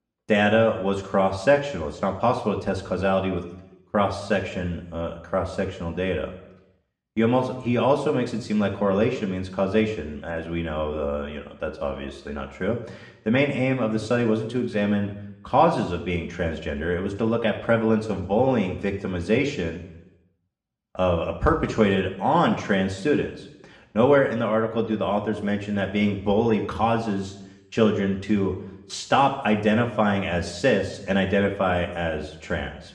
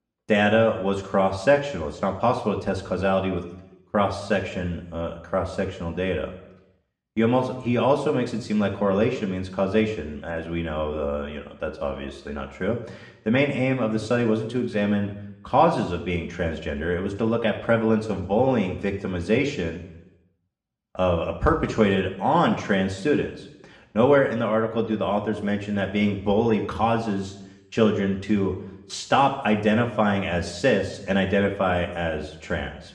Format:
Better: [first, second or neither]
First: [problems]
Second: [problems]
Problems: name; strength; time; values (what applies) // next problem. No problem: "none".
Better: neither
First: room echo; slight; dies away in 0.7 s // off-mic speech; somewhat distant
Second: room echo; slight; dies away in 0.7 s // off-mic speech; somewhat distant